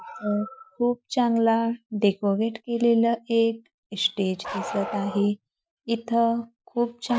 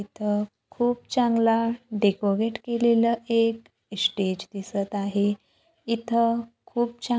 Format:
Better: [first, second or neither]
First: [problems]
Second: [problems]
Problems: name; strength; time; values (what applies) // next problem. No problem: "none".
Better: second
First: noise reduction (classical method Wiener filter)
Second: none